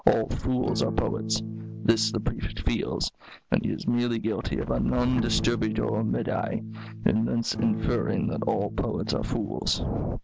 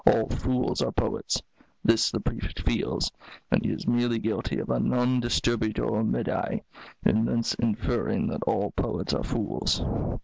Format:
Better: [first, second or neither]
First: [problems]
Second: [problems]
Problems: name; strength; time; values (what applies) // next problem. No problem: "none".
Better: second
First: background sound (Wind + Electric guitar / Strum); 7 dB below the speech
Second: none